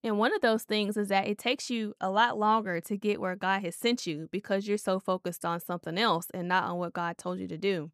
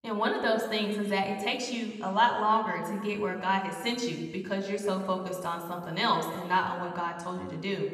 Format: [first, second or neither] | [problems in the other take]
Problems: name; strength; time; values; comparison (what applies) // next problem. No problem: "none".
first | room echo; noticeable; dies away in 1.4 s // off-mic speech; somewhat distant